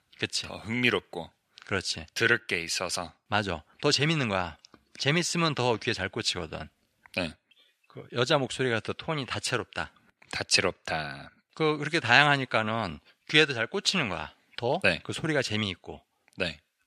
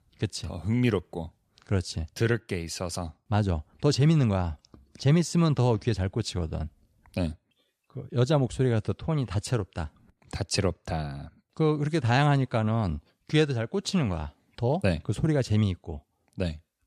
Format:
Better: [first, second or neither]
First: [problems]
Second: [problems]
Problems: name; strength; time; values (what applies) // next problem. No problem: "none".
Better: second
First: thin; somewhat; fading below 950 Hz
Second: none